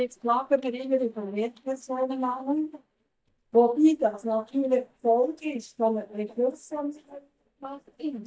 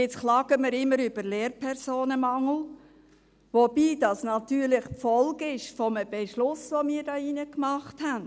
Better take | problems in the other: second | noise reduction (neural mask model DeepFilterNet 3)

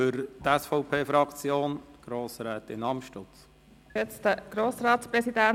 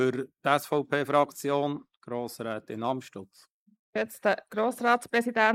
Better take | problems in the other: first | noise reduction (neural mask model Resemble Enhance denoiser)

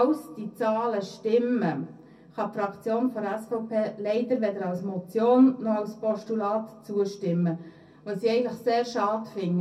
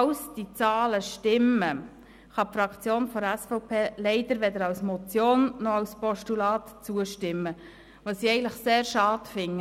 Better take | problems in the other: second | room echo; dies away in 0.3 s

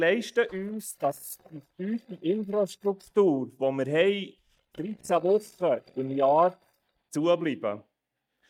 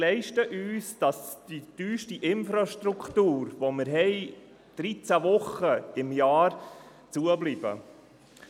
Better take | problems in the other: second | noise reduction (neural mask model DeepFilterNet 3)

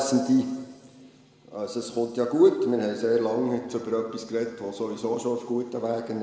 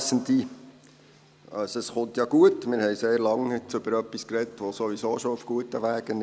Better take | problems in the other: second | room echo; dies away in 1.5 s

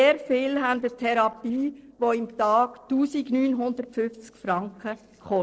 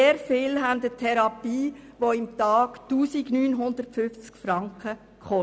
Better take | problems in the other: second | noise reduction (neural separator model SepFormer DNS4)

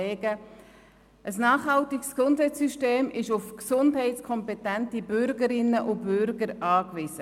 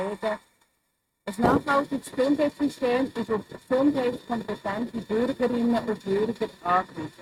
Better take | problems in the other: first | noise reduction (neural mask model RNNoise)

